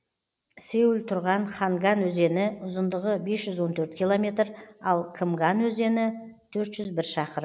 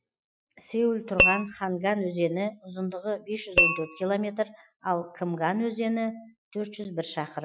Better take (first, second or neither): first